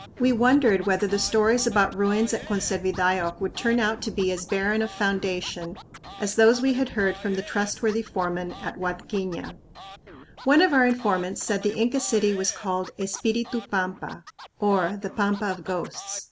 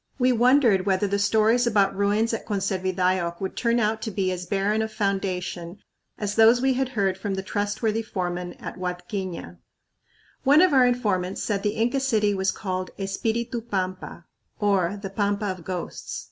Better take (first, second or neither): second